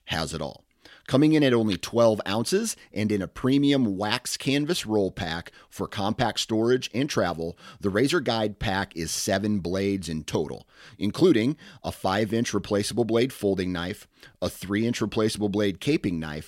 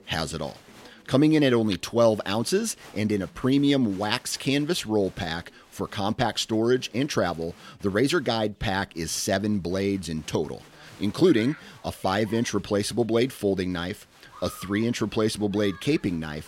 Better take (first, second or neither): first